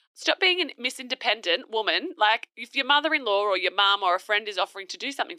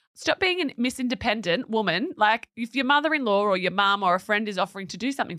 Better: second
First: thin; somewhat; fading below 300 Hz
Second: none

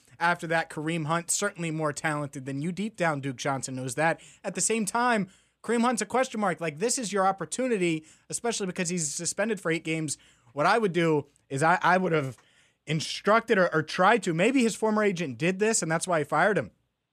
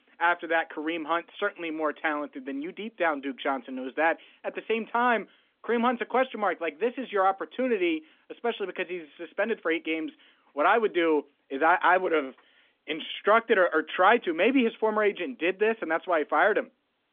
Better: first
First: none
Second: phone-call audio; nothing above 3.5 kHz

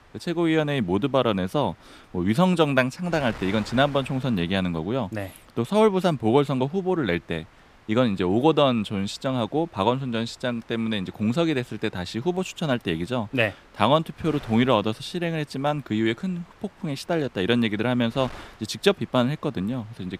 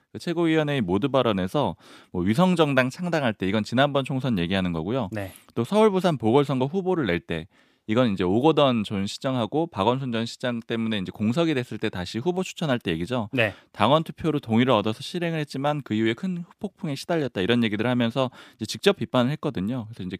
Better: second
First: wind noise on the microphone; occasional gusts; 25 dB below the speech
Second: none

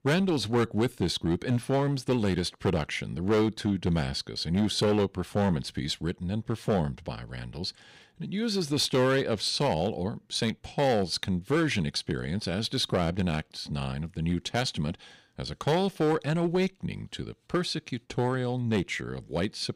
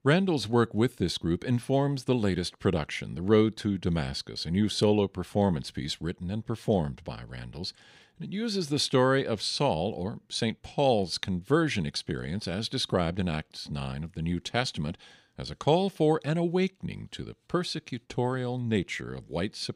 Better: second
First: distortion; slight; 6% of the sound clipped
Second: none

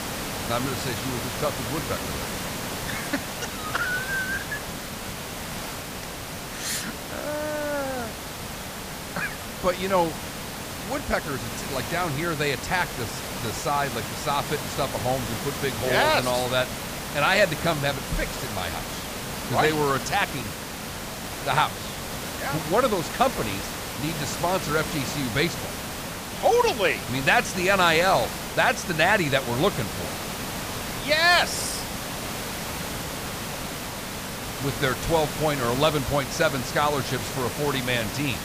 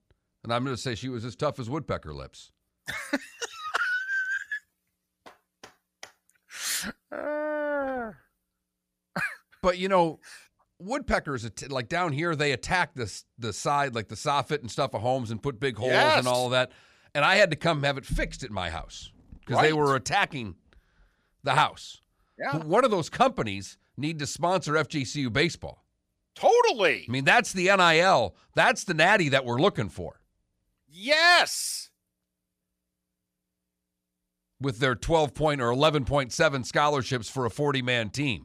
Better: second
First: hiss; loud; throughout; 6 dB below the speech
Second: none

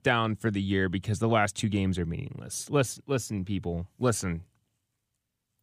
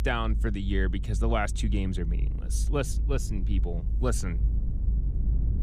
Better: first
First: none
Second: low rumble; noticeable; throughout; 15 dB below the speech

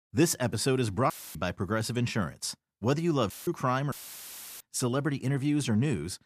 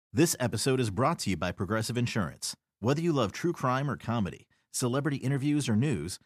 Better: second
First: audio cutting out; filled with static; at 1 s, at 3.5 s and at 4 s for 0.5 s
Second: none

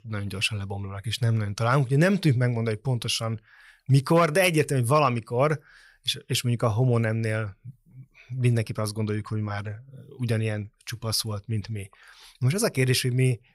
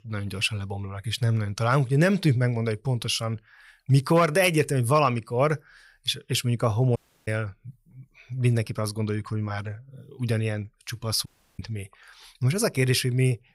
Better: first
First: none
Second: audio cutting out; at 7 s and at 11 s

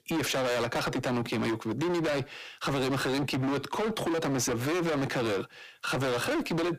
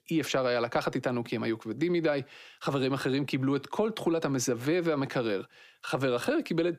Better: second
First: distortion; heavy; 37% of the sound clipped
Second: none

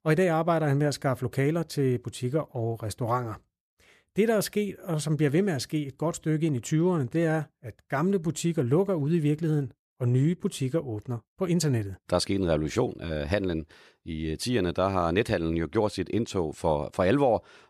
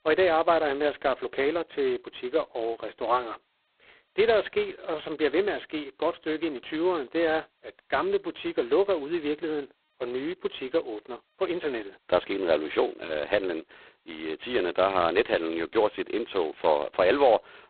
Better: first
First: none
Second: phone-call audio; poor line; nothing above 4 kHz

